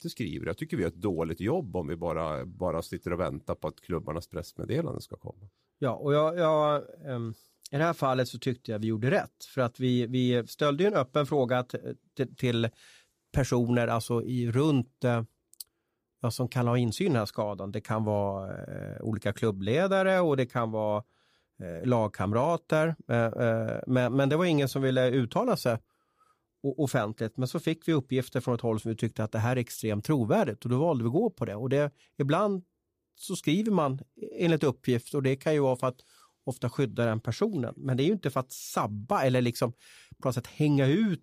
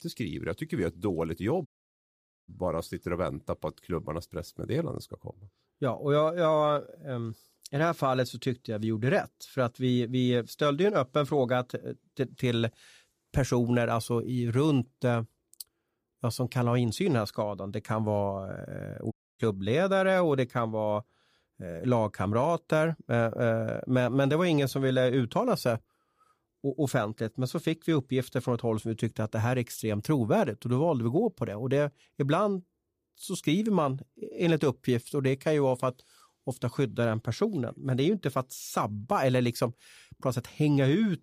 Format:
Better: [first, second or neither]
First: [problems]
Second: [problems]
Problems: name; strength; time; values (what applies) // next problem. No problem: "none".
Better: first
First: none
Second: audio cutting out; at 1.5 s for 1 s and at 19 s